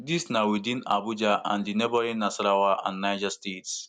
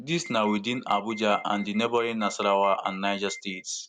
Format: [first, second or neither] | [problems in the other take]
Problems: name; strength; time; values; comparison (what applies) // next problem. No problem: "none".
first | background sound (Alarm); 16 dB below the speech